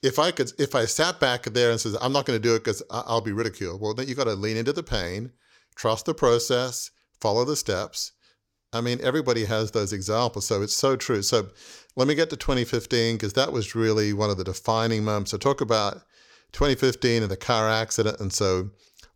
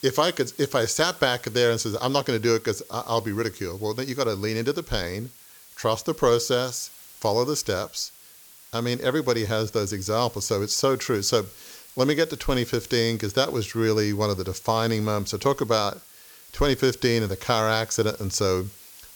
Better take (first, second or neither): first